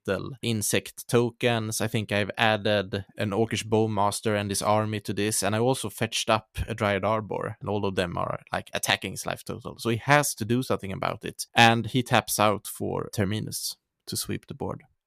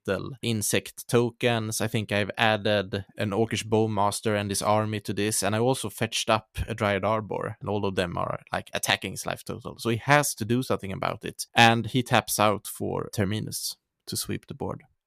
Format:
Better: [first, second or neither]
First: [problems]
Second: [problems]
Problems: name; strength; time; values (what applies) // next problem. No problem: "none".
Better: neither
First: none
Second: none